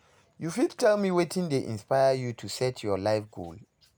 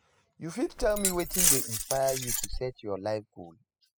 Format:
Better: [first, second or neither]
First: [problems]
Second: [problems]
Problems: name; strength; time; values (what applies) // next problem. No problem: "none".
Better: first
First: none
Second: noise reduction (classical method spectral subtraction)